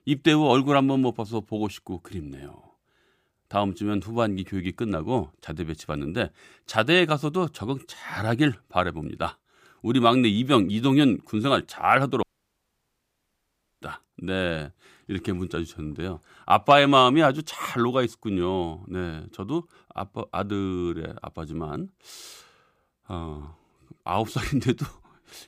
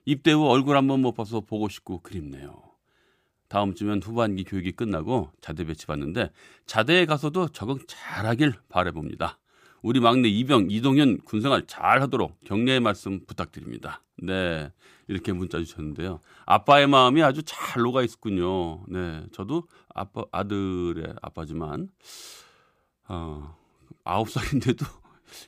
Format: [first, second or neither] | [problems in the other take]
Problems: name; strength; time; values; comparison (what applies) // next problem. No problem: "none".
second | audio cutting out; at 12 s for 1.5 s